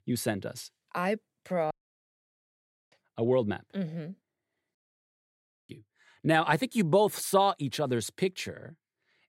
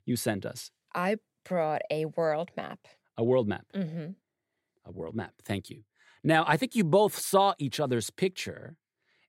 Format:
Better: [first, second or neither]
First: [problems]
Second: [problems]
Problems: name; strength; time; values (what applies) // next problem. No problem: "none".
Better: second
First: audio cutting out; at 1.5 s for 1 s and at 5 s for 1 s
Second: none